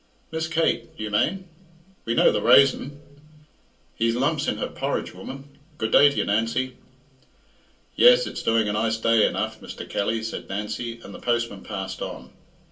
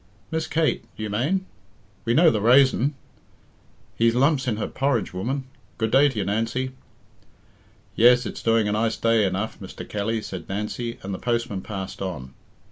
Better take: second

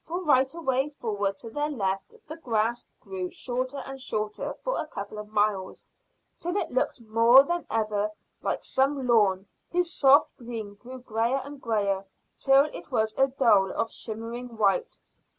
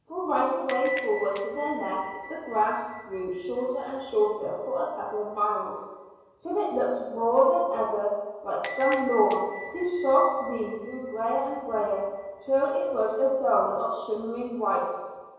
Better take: first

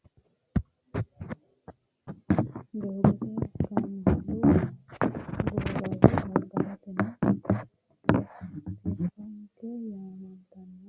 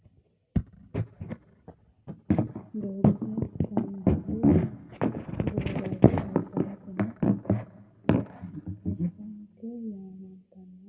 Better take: first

